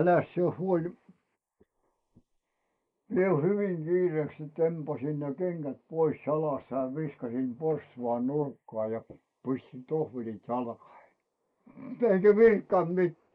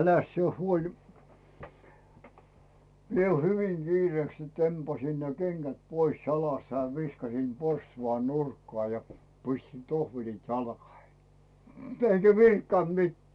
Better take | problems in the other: second | noise reduction (neural mask model Resemble Enhance denoiser)

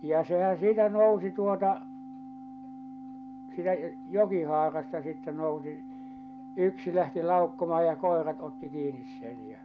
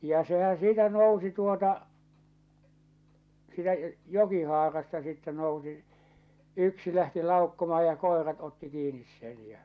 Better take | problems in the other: second | background sound (Organ); 14 dB below the speech

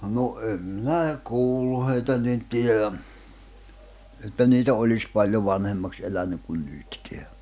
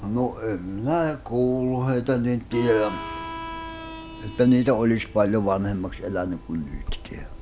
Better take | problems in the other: first | background sound (Bird vocalization, bird call, bird song + Harmonica); 13 dB below the speech

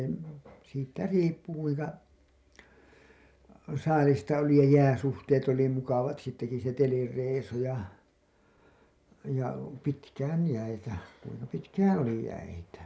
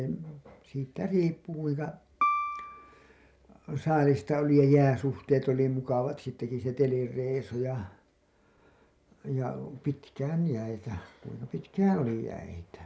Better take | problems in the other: first | background sound (Piano); 2 dB below the speech

